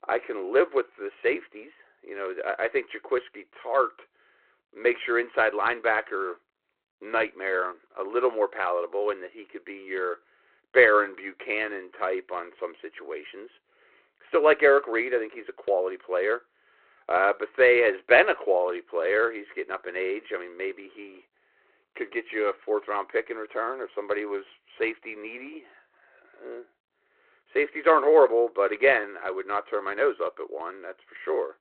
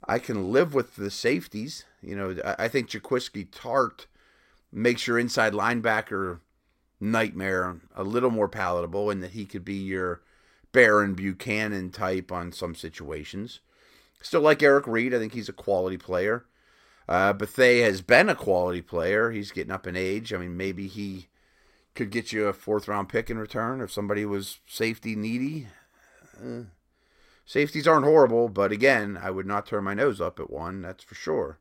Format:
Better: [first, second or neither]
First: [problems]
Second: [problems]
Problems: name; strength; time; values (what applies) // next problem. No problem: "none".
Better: second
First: phone-call audio; nothing above 4 kHz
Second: none